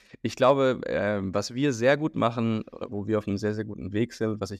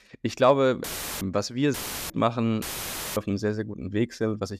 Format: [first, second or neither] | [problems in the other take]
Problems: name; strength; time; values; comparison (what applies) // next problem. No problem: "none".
first | audio cutting out; filled with static; at 1 s, at 1.5 s and at 2.5 s for 0.5 s